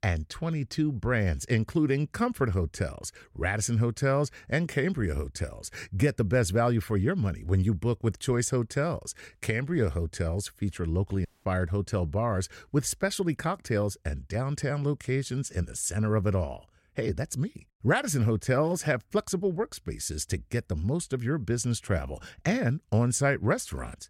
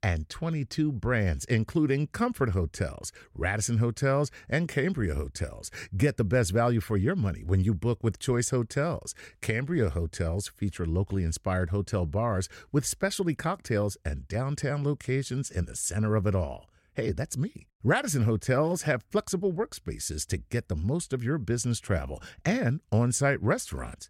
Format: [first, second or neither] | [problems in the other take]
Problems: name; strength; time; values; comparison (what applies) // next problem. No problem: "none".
second | audio cutting out; at 11 s